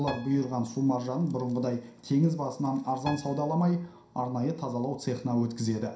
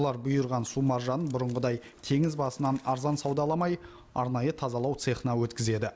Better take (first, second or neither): second